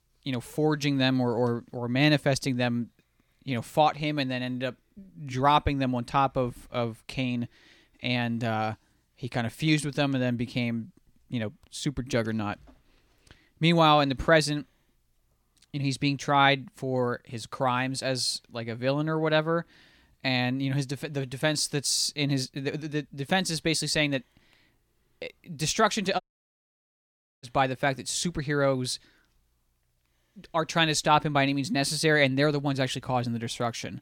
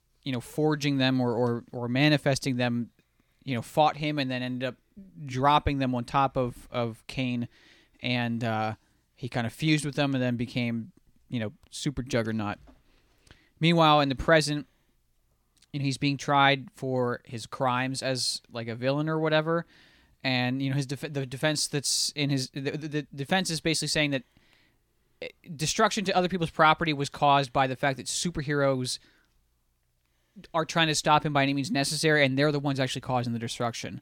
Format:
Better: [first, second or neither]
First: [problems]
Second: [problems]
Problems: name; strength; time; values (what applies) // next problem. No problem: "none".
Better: second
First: audio cutting out; at 26 s for 1 s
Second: none